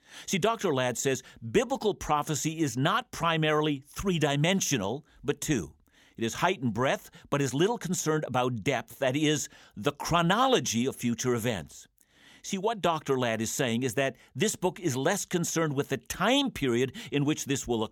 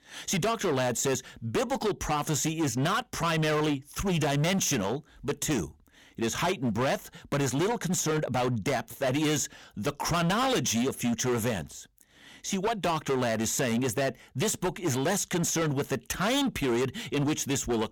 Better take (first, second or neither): first